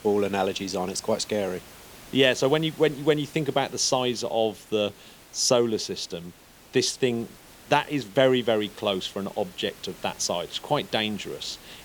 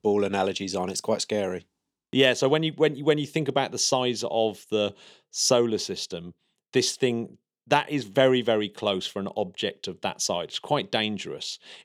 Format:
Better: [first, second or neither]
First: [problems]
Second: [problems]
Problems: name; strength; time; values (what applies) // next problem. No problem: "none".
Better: second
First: hiss; faint; throughout; 20 dB below the speech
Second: none